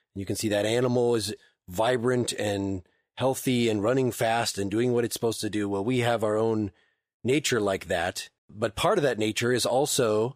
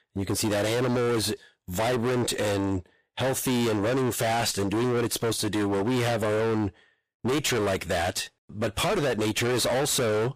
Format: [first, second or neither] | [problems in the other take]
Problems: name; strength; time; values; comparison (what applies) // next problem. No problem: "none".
first | distortion; heavy; 37% of the sound clipped